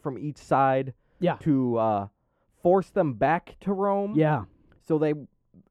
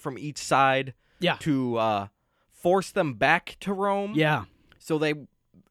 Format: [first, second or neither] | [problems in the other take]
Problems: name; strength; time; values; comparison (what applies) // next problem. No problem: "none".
second | muffled; very; fading above 1.5 kHz